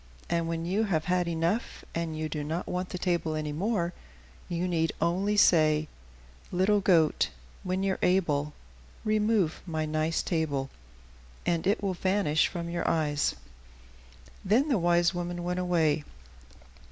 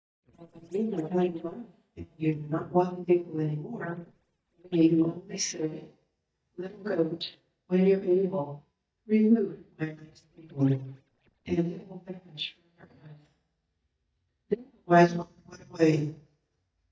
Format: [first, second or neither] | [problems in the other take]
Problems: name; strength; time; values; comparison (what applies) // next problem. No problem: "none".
first | noise reduction (neural mask model DeepFilterNet 3)